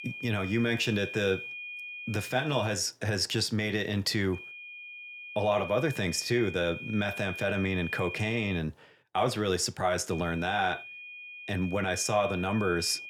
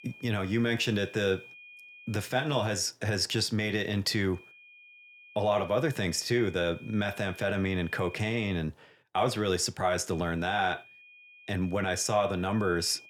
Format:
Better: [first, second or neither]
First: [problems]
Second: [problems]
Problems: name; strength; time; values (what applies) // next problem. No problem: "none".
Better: second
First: high-pitched whine; loud; until 2.5 s, from 4.5 to 8.5 s and from 10 s on; 2.5 kHz, 10 dB below the speech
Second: high-pitched whine; faint; until 2.5 s, from 4.5 to 8.5 s and from 10 s on; 2.5 kHz, 20 dB below the speech